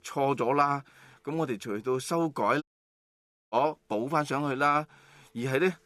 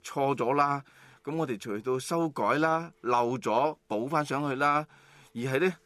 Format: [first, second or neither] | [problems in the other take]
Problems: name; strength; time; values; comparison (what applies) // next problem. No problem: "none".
second | audio cutting out; at 2.5 s for 1 s